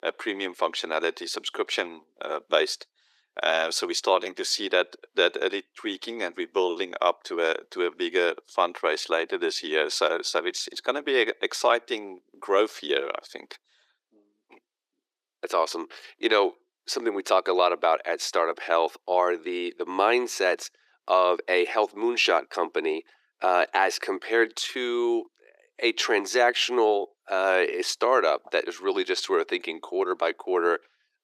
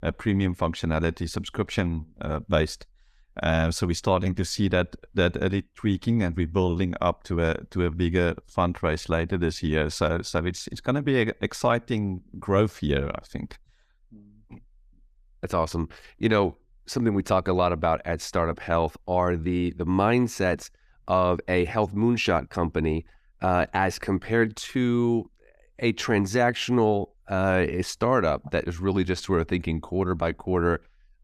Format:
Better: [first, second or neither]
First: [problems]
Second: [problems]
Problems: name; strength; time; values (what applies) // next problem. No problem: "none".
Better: second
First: thin; very; fading below 350 Hz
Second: none